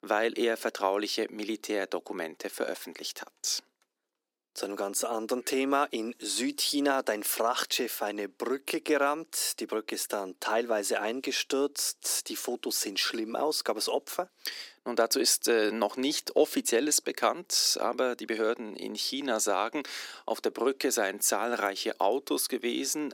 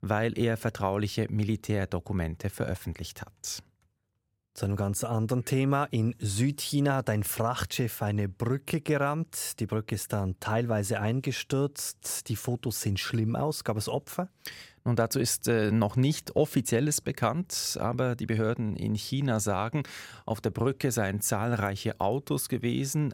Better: second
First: thin; somewhat; fading below 300 Hz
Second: none

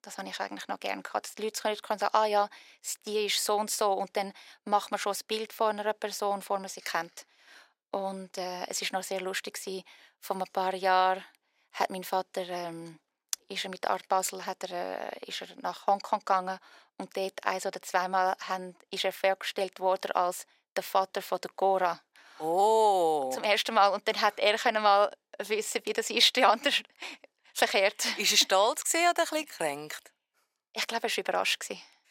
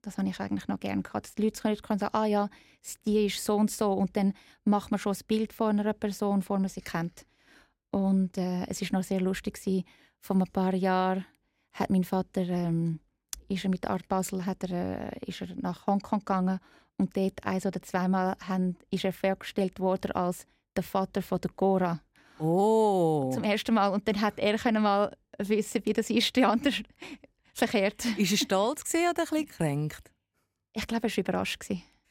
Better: second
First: thin; very; fading below 700 Hz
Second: none

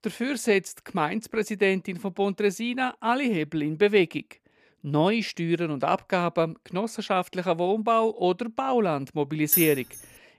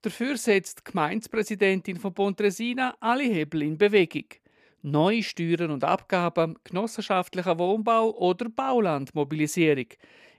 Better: second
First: jangling keys; loud; at 9.5 s; peak 3 dB above the speech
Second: none

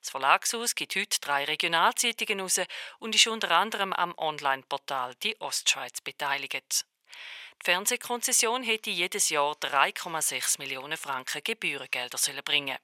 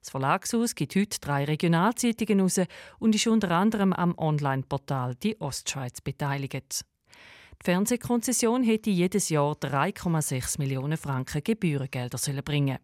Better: second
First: thin; very; fading below 750 Hz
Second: none

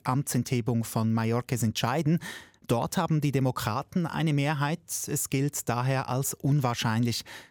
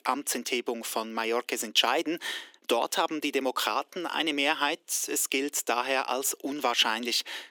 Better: first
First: none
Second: thin; somewhat; fading below 300 Hz

